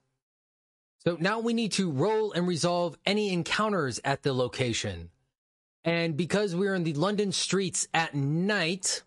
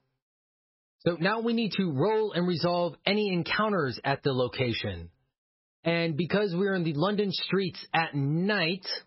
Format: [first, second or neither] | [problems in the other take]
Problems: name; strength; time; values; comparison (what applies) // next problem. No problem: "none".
first | garbled, watery; badly; nothing above 5.5 kHz; slightly in the first